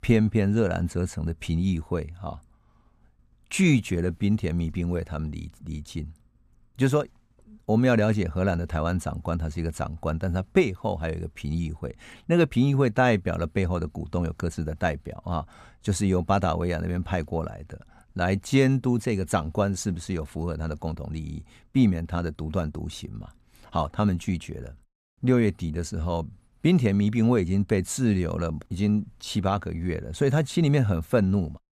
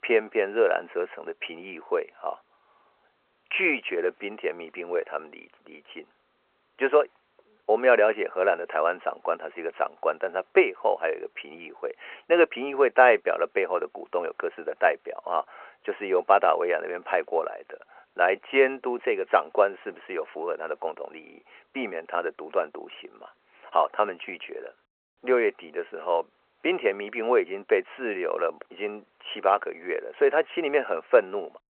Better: first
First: none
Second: phone-call audio

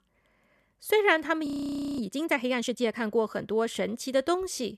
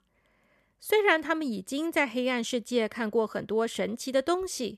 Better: second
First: audio freezing; at 1.5 s for 0.5 s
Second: none

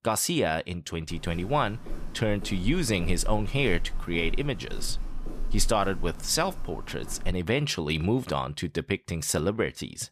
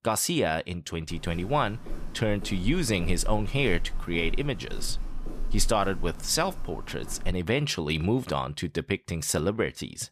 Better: neither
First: footsteps; noticeable; from 1 to 7.5 s; peak 7 dB below the speech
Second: footsteps; noticeable; from 1 to 7.5 s; peak 7 dB below the speech

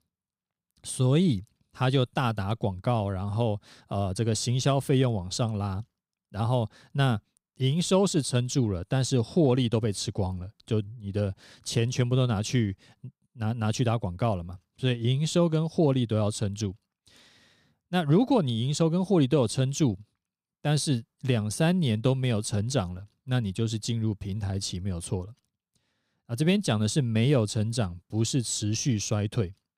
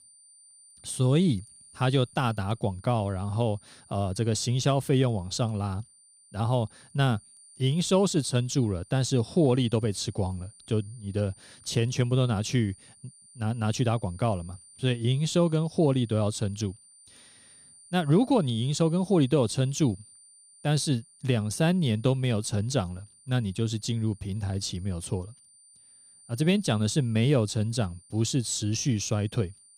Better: first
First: none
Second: high-pitched whine; faint; throughout; 9 kHz, 25 dB below the speech

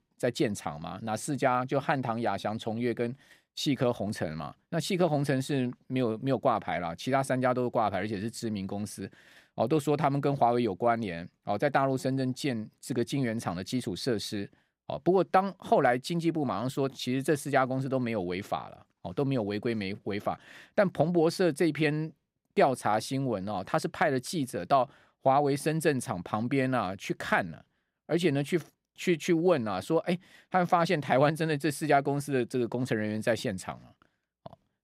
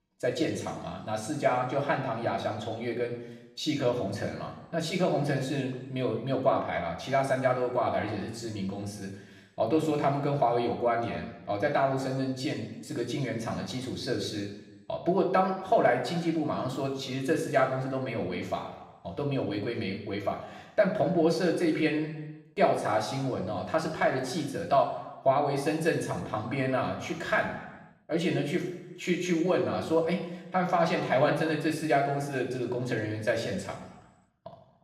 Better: first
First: none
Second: room echo; noticeable; dies away in 0.9 s // off-mic speech; far

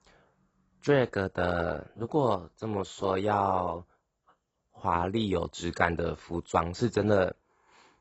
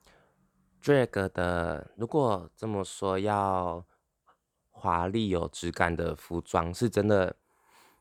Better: second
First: garbled, watery; badly; nothing above 8 kHz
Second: none

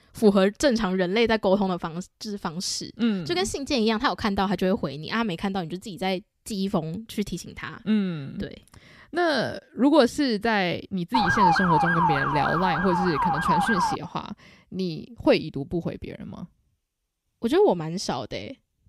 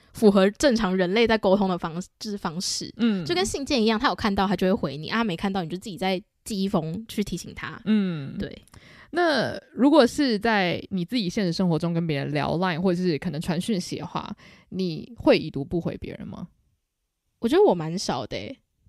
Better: second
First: siren; loud; from 11 to 14 s; peak 5 dB above the speech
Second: none

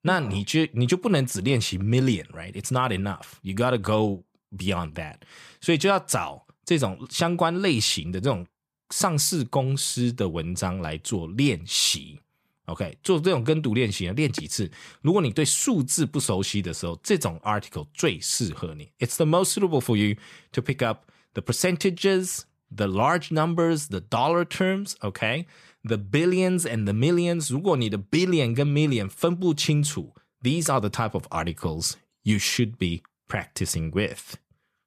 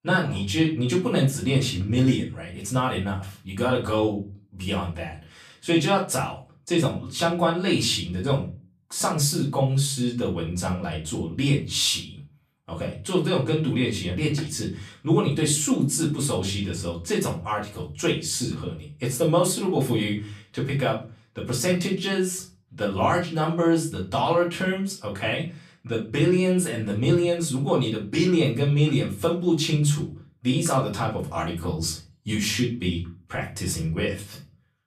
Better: first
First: none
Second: room echo; slight; dies away in 0.3 s // off-mic speech; far

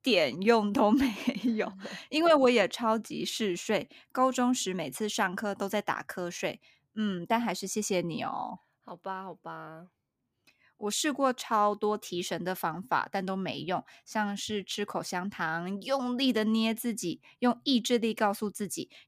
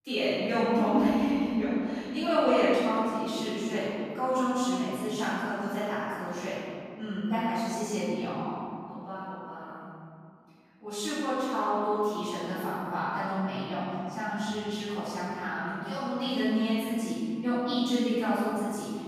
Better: first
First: none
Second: off-mic speech; far // room echo; strong; dies away in 2.7 s

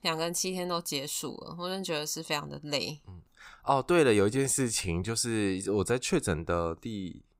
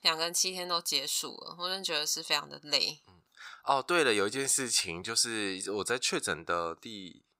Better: first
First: none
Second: thin; somewhat; fading below 700 Hz

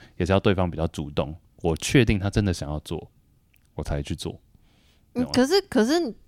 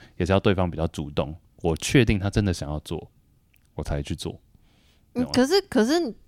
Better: neither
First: none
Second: none

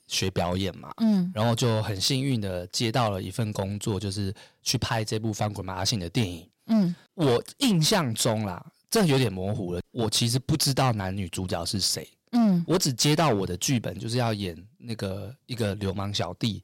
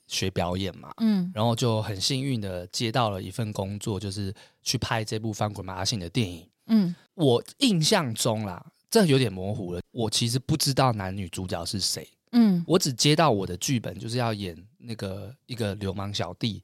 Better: second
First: distortion; slight; 6% of the sound clipped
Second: none

